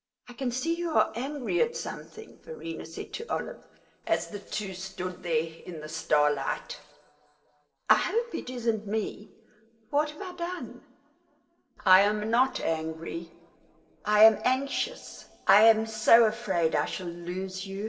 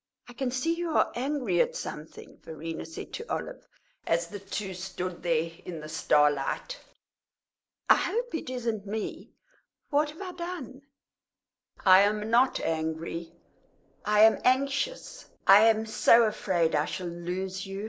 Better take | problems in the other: second | room echo; dies away in 1.5 s

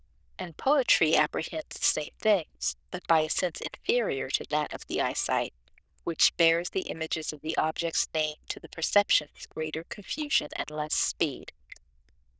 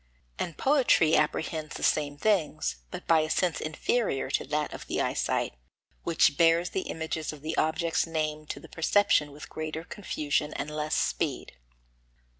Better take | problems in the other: second | noise reduction (neural diffusion model UNIVERSE++)

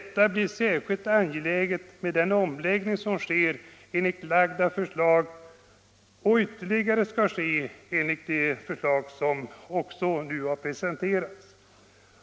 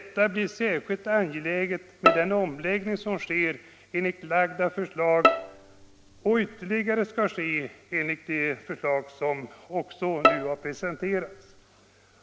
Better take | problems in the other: first | background sound (Bowed string instrument); as loud as the speech

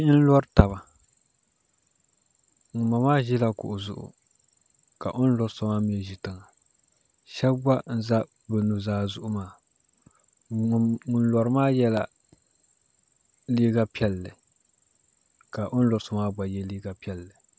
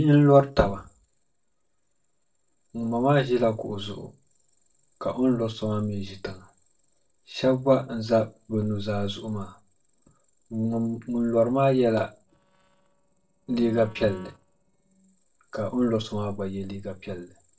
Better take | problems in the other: first | noise reduction (neural separator model SepFormer DNS4)

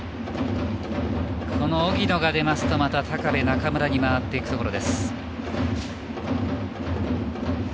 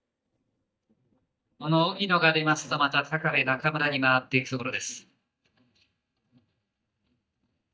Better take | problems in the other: first | noise reduction (neural mask model DeepFilterNet 3)

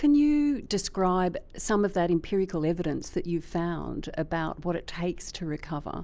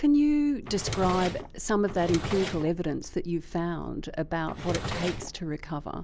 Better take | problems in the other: first | background sound (Drawer open or close); 8 dB below the speech

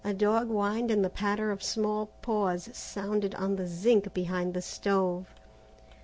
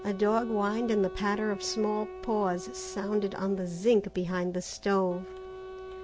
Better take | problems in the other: first | background sound (Wind instrument, woodwind instrument); 13 dB below the speech

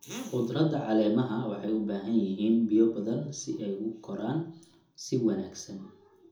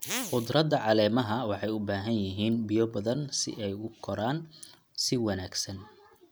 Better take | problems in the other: second | room echo; dies away in 0.5 s

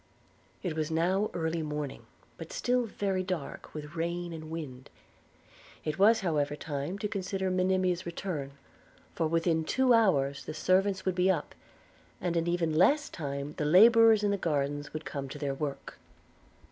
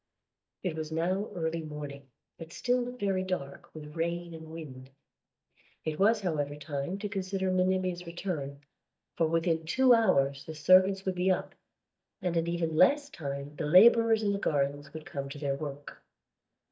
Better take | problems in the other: first | noise reduction (neural mask model DeepFilterNet 3)

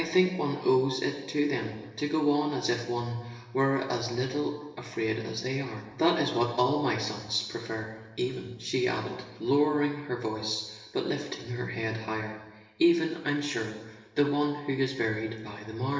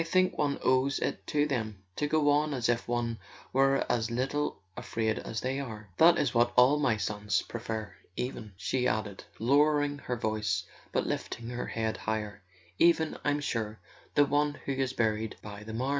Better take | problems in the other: second | room echo; dies away in 1 s

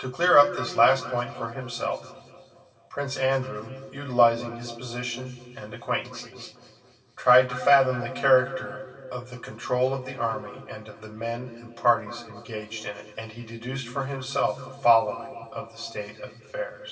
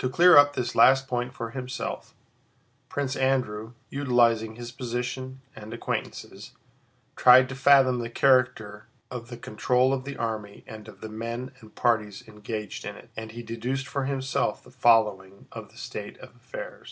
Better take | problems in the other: second | room echo; dies away in 2.5 s

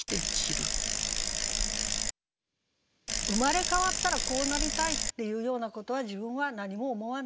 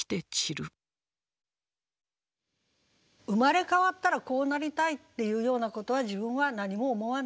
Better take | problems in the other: second | background sound (Bicycle); 3 dB above the speech

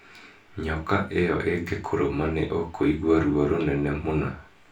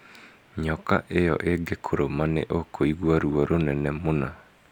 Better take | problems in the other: second | room echo; dies away in 0.2 s

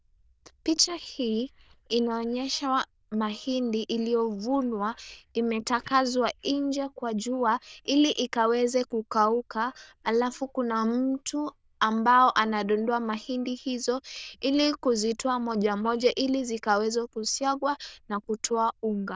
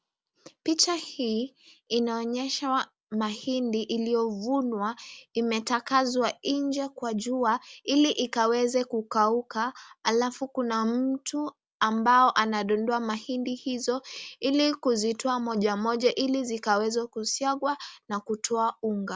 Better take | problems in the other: second | noise reduction (neural diffusion model UNIVERSE++)

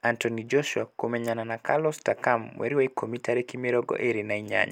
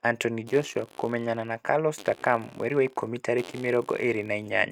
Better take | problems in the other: first | noise reduction (neural mask model RNNoise)

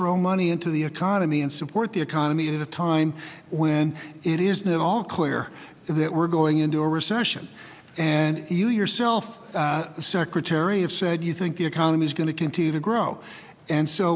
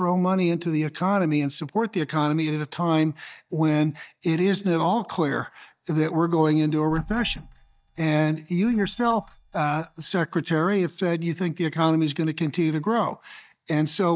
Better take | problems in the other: first | noise reduction (neural mask model DeepFilterNet 3)

